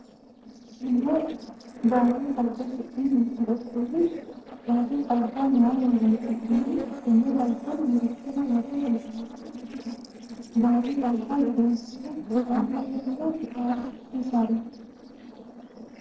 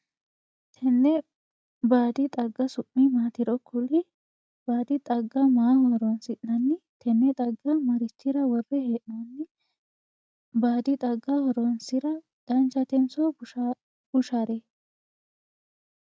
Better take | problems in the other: second | noise reduction (neural separator model SepFormer DNS4)

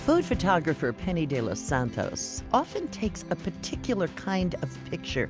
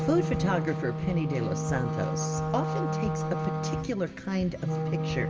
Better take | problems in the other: first | background sound (Wind instrument, woodwind instrument); as loud as the speech // room echo; dies away in 0.9 s

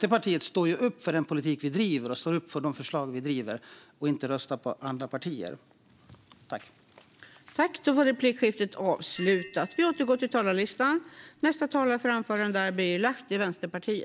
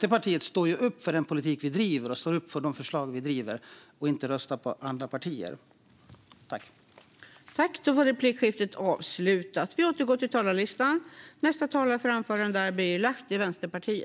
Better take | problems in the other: second | background sound (Bell); 18 dB below the speech

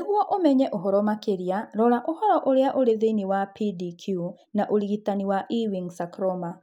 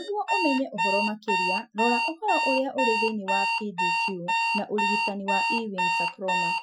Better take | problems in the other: first | noise reduction (classical method Wiener filter)

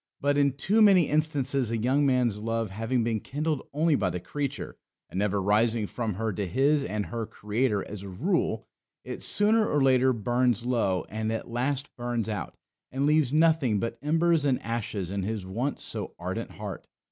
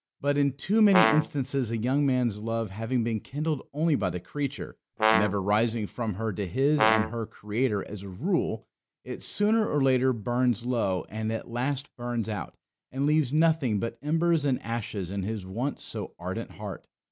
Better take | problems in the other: first | background sound (Brass instrument); 1 dB below the speech

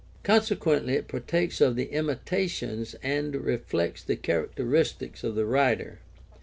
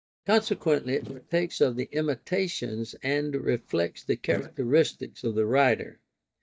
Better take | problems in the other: first | noise reduction (neural mask model DeepFilterNet 3)

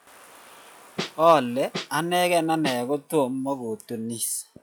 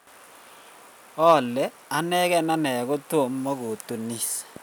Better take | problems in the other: second | noise reduction (classical method log-MMSE)

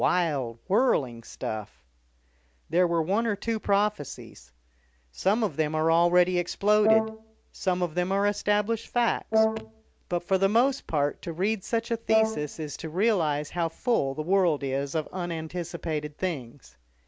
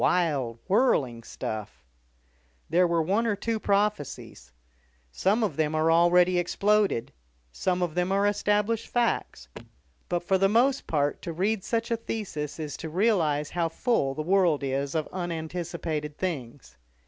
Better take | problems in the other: second | background sound (Brass instrument); 3 dB below the speech

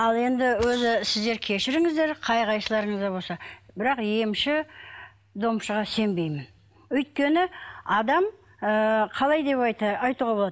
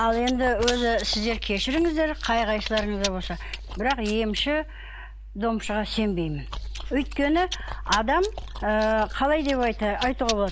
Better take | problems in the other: first | background sound (Chewing, mastication); 9 dB below the speech

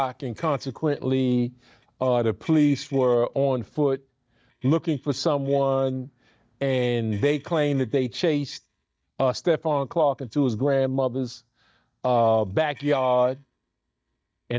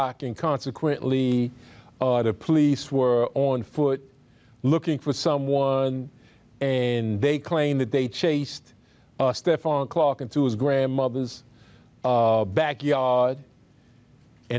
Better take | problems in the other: second | noise reduction (neural mask model DeepFilterNet 3)

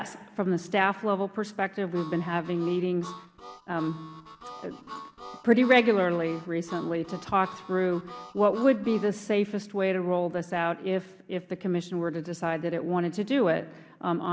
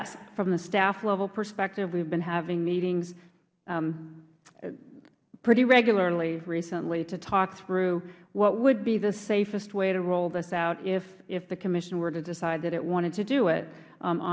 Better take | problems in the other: second | background sound (Harmonica); 17 dB below the speech

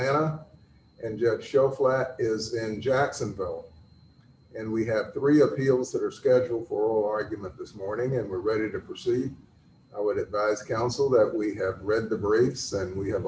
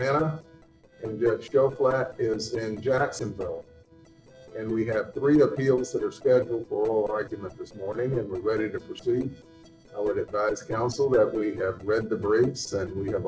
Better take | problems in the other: first | noise reduction (neural separator model SepFormer DNS4)

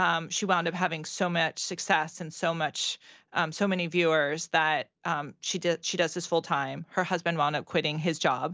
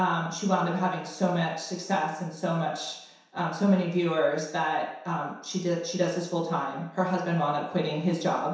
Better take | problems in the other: first | room echo; dies away in 0.7 s

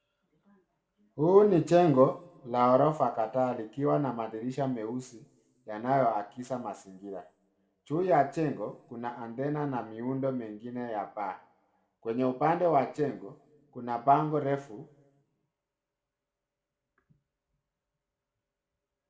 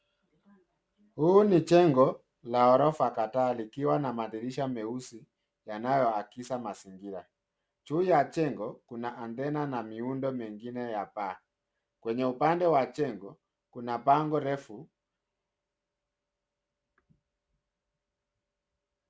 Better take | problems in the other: second | room echo; dies away in 1.2 s

